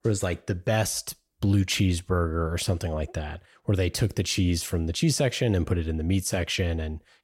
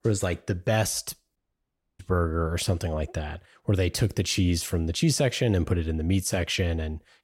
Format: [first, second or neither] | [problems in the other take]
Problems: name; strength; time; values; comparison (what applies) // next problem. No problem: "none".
first | audio cutting out; at 1.5 s for 0.5 s